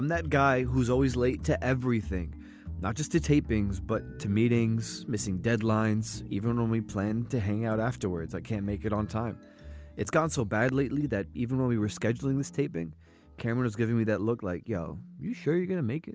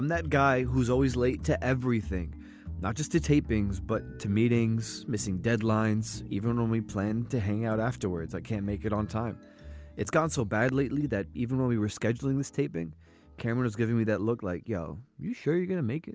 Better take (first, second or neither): second